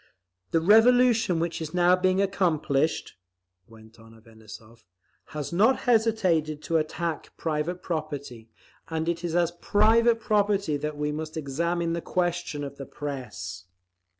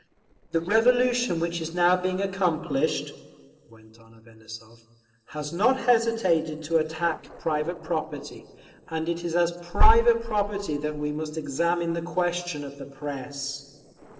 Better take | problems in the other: first | noise reduction (neural separator model SepFormer DNS4)

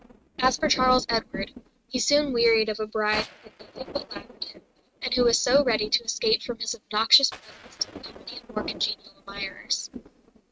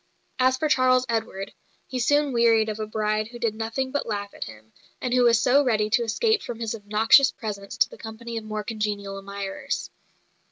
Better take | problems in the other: second | noise reduction (neural mask model RNNoise)

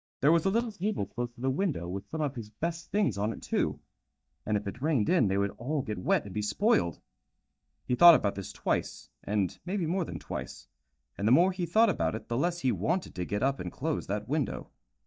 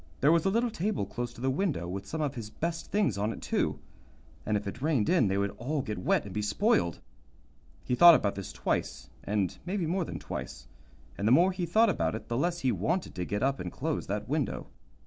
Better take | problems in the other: second | noise reduction (neural mask model DeepFilterNet 3)

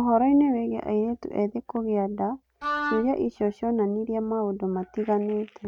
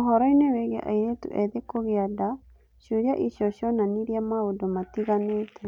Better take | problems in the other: second | noise reduction (neural mask model RNNoise)

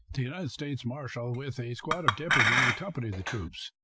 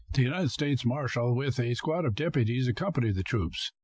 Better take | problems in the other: second | background sound (Chink, clink); 5 dB above the speech

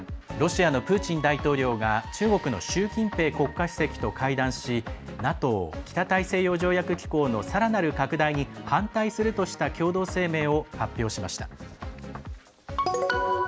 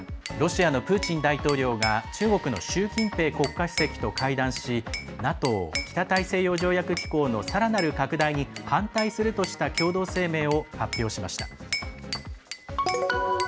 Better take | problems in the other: first | background sound (Glass / Bell); 12 dB below the speech

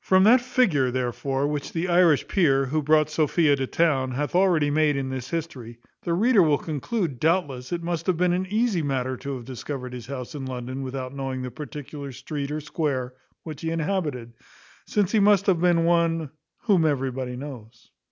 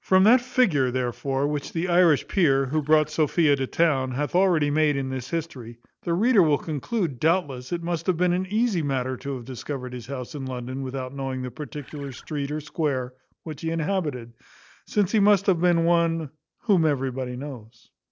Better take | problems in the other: first | noise reduction (neural separator model SepFormer DNS4)

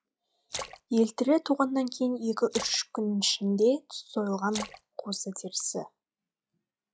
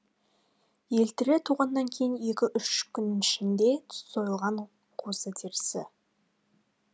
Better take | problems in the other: second | noise reduction (classical method log-MMSE)

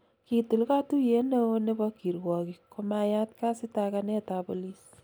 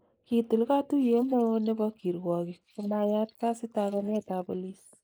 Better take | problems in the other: first | noise reduction (neural mask model Resemble Enhance denoiser)

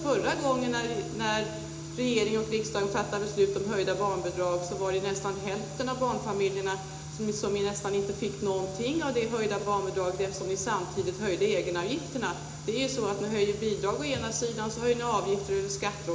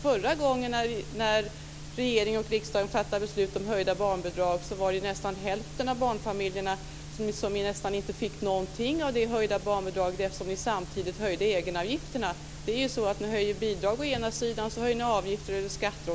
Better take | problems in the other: second | background sound (Piano); 19 dB below the speech // room echo; dies away in 0.8 s

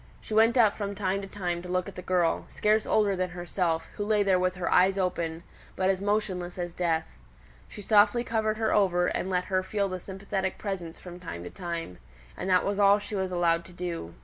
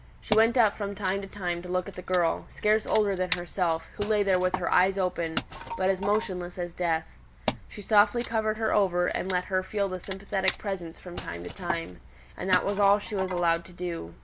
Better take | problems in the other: first | background sound (Wood); 12 dB below the speech

